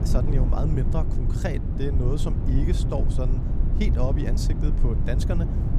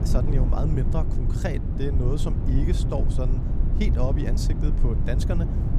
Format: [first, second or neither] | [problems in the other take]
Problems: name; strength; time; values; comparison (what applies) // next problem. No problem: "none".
neither | low rumble; loud; throughout; 4 dB below the speech; the same in both